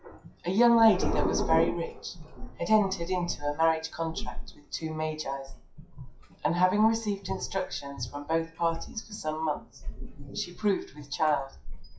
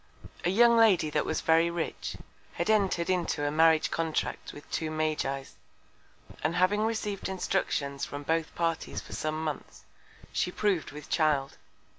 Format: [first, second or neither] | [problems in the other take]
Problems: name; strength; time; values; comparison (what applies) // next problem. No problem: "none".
second | noise reduction (classical method WPE with log-MMSE)